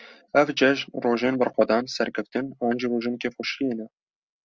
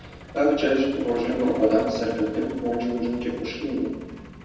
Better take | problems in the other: first | background sound (Truck); 15 dB below the speech // room echo; dies away in 1.1 s

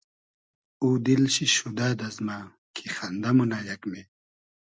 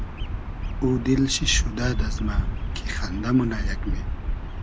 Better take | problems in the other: first | background sound (Bird vocalization, bird call, bird song); as loud as the speech

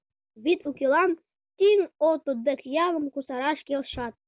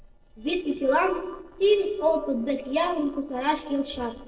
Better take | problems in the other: first | noise reduction (neural separator model SepFormer DNS4)

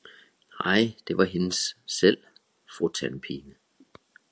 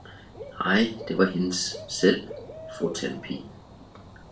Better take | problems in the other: first | background sound (Bird / Dog); 14 dB below the speech // room echo; dies away in 0.3 s

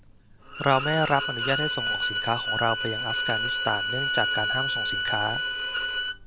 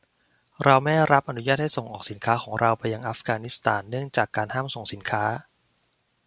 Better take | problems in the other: second | background sound (Bowed string instrument); 1 dB above the speech

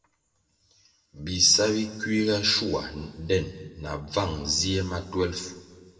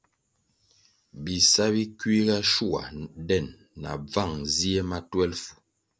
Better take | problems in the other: second | room echo; dies away in 1.6 s

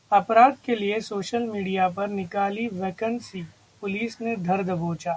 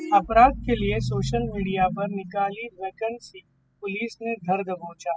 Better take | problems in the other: first | noise reduction (classical method spectral subtraction)

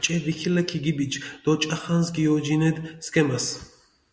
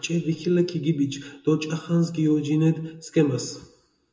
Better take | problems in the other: first | room echo; dies away in 0.2 s

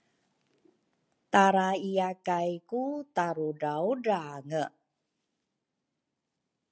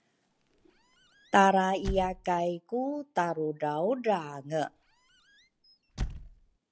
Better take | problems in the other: first | background sound (Squeak / Slam); 11 dB below the speech

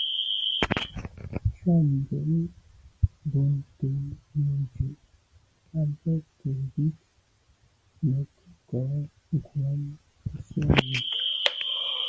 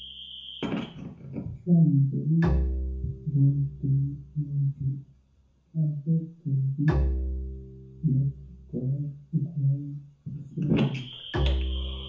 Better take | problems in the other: first | background sound (Bowed string instrument); 6 dB below the speech // room echo; dies away in 0.7 s

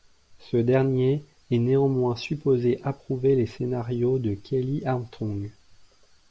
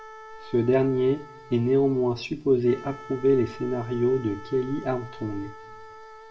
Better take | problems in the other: first | background sound (Wind instrument, woodwind instrument); 19 dB below the speech // room echo; dies away in 0.3 s

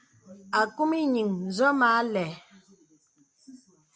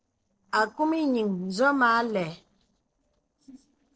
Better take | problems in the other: first | noise reduction (neural separator model SepFormer DNS4)

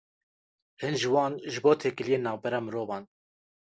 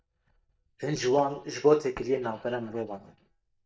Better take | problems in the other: first | noise reduction (neural mask model DeepFilterNet 3)

